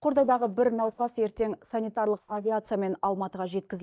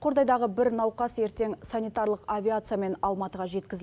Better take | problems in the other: second | noise reduction (neural mask model DeepFilterNet 3)

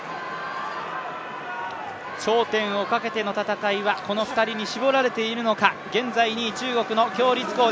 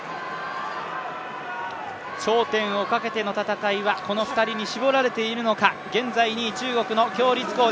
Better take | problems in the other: first | background sound (Wind instrument, woodwind instrument); 18 dB below the speech

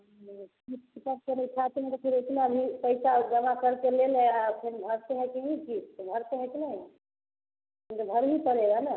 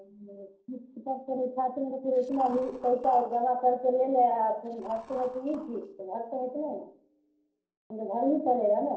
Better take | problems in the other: first | noise reduction (neural separator model SepFormer DNS4)

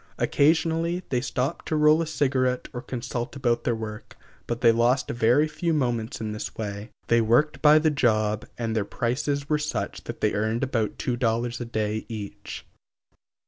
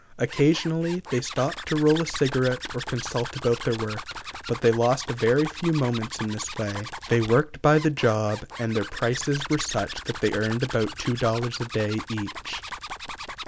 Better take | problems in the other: first | background sound (Zipper (clothing)); 11 dB below the speech

